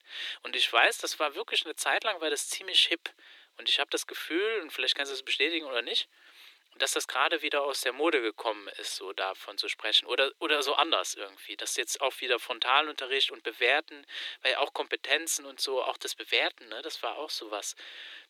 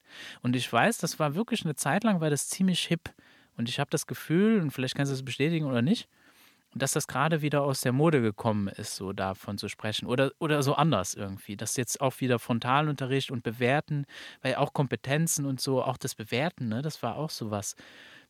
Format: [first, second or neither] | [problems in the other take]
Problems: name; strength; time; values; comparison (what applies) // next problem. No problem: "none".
second | thin; very; fading below 300 Hz